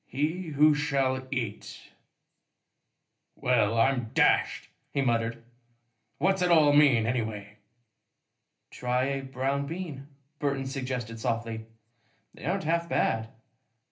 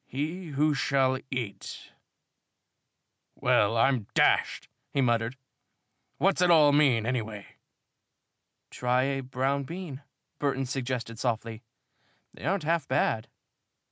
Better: second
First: room echo; dies away in 0.3 s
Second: none

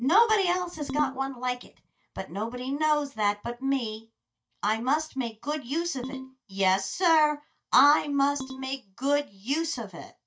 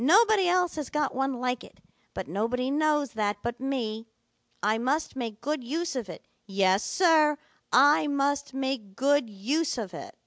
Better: second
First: noise reduction (neural mask model DeepFilterNet 3)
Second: none

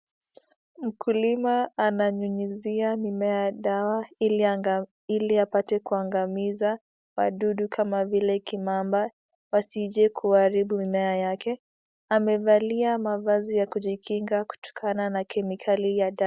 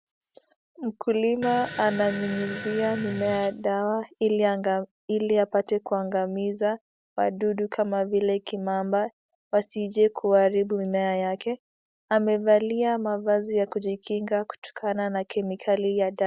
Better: first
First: none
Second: background sound (Fart); 12 dB below the speech

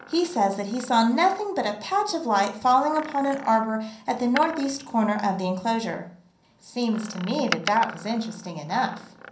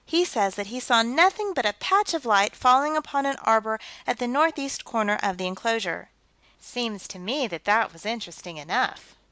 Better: second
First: background sound (Door); 15 dB below the speech // room echo; dies away in 0.6 s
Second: none

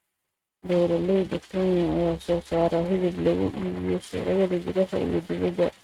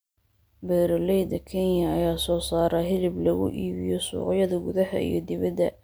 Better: second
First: noise reduction (neural mask model RNNoise)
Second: none

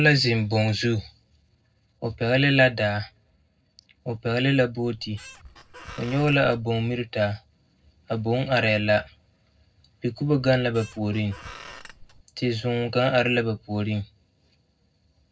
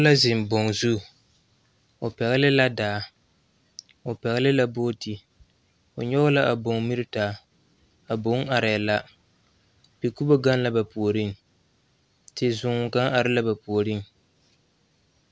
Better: second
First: noise reduction (neural separator model SepFormer DNS4)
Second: none

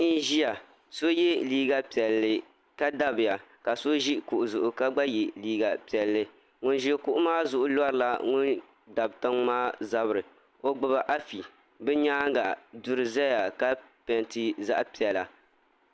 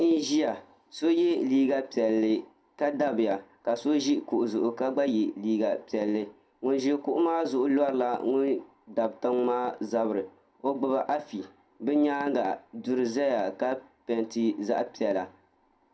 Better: first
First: none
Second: room echo; dies away in 0.2 s

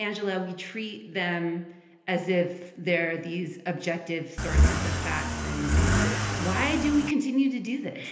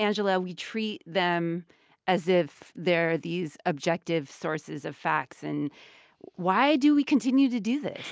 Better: second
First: background sound (Accelerating, revving, vroom / Car); 4 dB above the speech // room echo; dies away in 1.4 s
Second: none

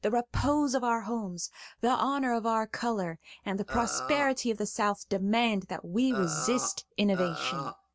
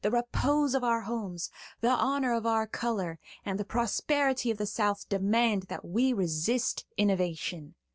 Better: second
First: background sound (Burping, eructation); 8 dB below the speech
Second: none

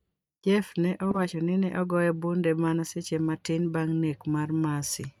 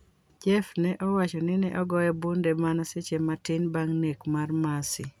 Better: second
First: noise reduction (neural mask model DeepFilterNet 3)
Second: none

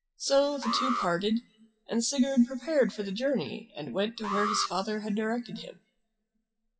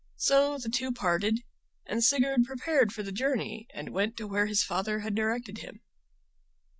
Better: second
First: noise reduction (classical method WPE with log-MMSE)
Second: none

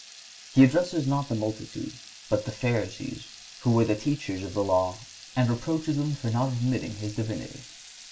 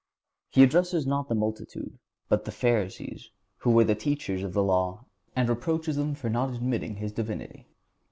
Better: second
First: background sound (Water tap, faucet / Liquid); 19 dB below the speech // room echo; dies away in 0.2 s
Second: none

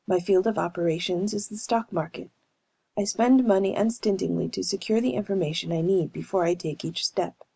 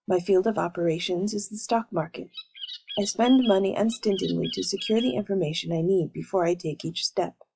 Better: first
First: none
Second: noise reduction (classical method log-MMSE)

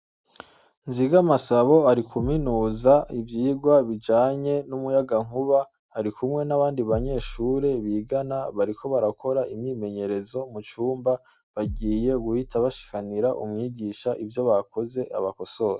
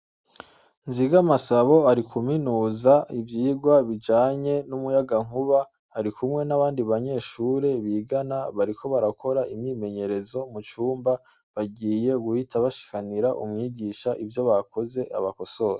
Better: second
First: background sound (Bass drum); 14 dB below the speech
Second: none

